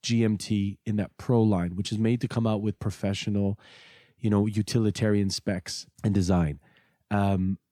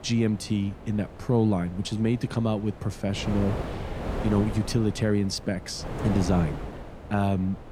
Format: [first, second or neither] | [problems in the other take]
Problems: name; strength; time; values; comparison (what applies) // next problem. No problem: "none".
first | wind noise on the microphone; heavy; 8 dB below the speech